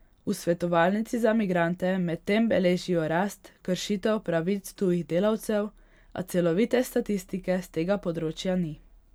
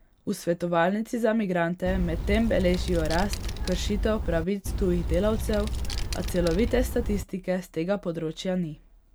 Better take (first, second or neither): first